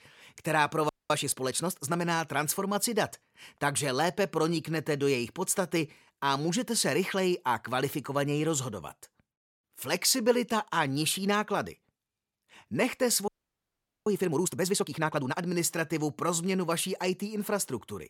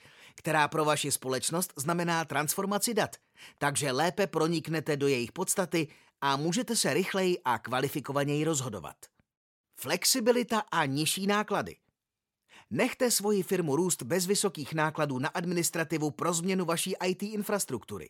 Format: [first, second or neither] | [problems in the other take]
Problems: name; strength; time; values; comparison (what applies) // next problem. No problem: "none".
second | audio freezing; at 1 s and at 13 s for 1 s